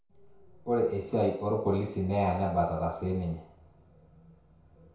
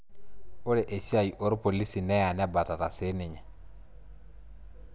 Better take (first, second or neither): second